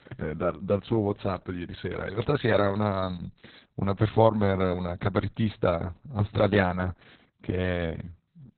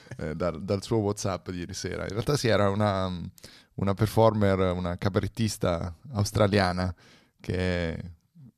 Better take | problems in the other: second | garbled, watery; badly; nothing above 4 kHz

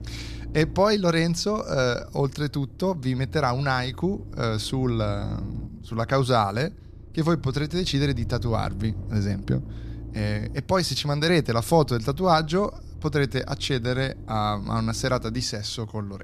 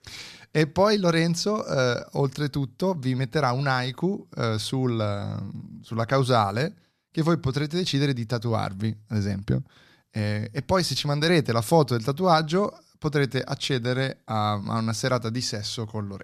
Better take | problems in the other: second | low rumble; faint; throughout; 25 dB below the speech

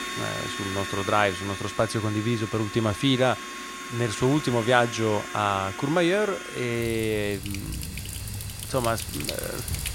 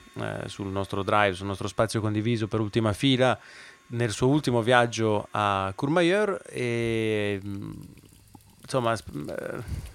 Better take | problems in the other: second | household noises; loud; throughout; 8 dB below the speech; faint in the second

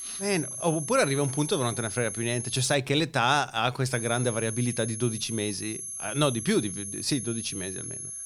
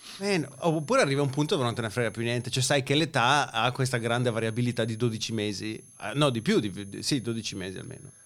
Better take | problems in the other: second | high-pitched whine; loud; until 2.5 s and from 4 s on; 11 kHz, 6 dB below the speech; faint in the second

